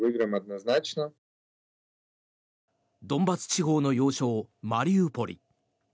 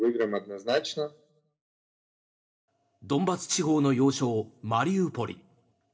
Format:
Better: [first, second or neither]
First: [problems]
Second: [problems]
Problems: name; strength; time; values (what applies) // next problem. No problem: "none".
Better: first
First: none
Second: room echo; dies away in 0.3 s